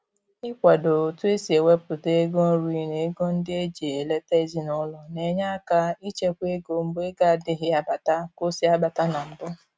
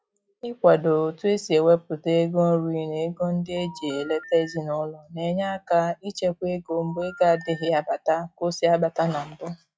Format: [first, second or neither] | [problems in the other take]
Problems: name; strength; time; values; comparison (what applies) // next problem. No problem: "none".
first | noise reduction (classical method log-MMSE)